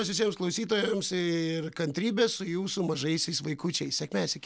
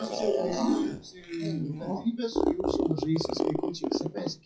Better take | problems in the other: first | noise reduction (classical method WPE with log-MMSE)

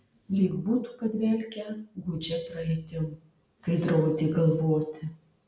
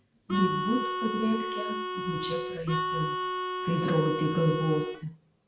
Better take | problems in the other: first | background sound (Harmonica); 2 dB below the speech

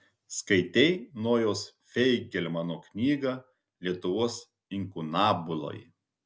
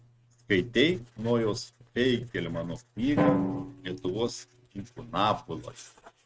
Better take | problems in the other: first | noise reduction (neural mask model RNNoise)

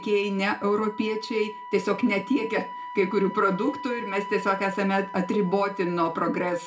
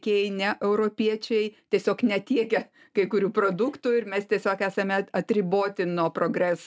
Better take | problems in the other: second | background sound (Wind instrument, woodwind instrument); 13 dB below the speech // room echo; dies away in 0.3 s

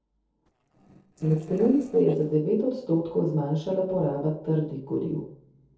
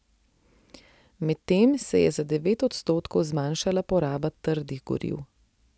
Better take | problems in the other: second | noise reduction (neural separator model SepFormer DNS4)

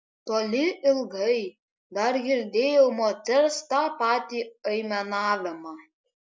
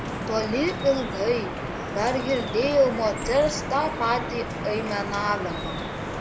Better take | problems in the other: first | background sound (Drip); 5 dB below the speech

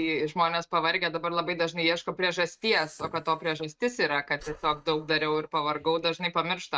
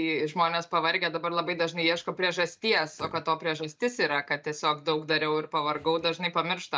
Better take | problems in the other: second | noise reduction (neural mask model RNNoise)

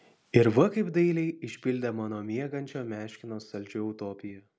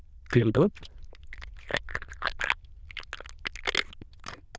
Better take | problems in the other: first | noise reduction (neural diffusion model UNIVERSE++)

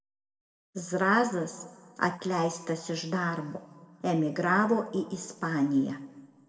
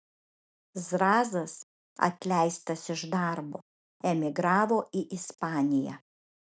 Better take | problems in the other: second | room echo; dies away in 1.1 s

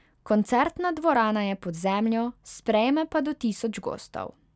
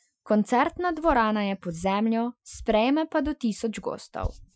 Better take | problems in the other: first | noise reduction (classical method Wiener filter)

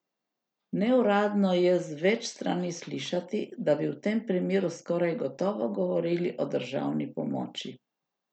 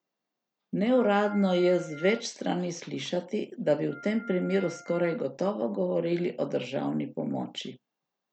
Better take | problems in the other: first | background sound (Organ); 17 dB below the speech

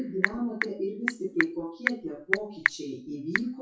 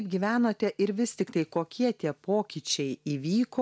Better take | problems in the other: second | noise reduction (classical method WPE with log-MMSE)

